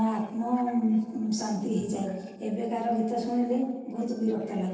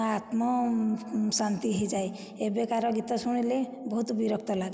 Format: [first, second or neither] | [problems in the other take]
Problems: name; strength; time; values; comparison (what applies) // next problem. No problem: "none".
second | noise reduction (neural separator model SepFormer DNS4)